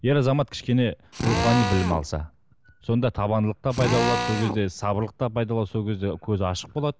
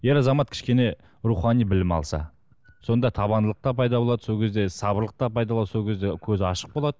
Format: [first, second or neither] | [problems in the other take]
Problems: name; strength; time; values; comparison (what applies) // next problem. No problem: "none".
second | background sound (Drill); 4 dB below the speech